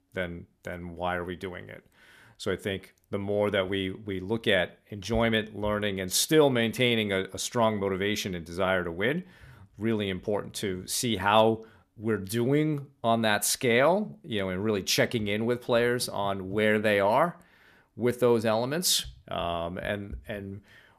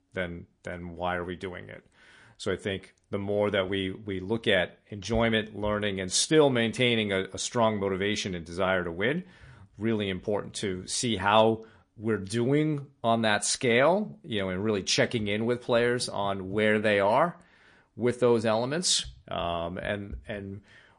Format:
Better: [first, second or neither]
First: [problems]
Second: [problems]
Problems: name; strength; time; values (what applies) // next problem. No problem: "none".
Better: first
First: none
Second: garbled, watery; slightly